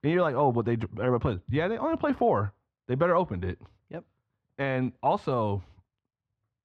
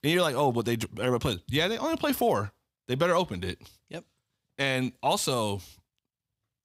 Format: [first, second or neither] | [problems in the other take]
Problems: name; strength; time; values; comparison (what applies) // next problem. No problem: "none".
second | muffled; very; fading above 1.5 kHz